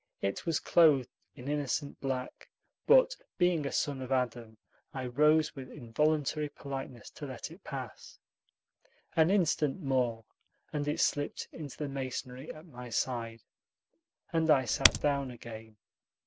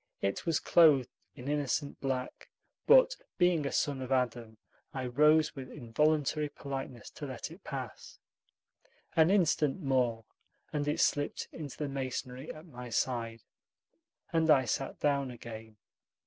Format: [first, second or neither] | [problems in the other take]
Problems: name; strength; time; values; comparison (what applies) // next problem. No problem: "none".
second | background sound (Typing); 2 dB above the speech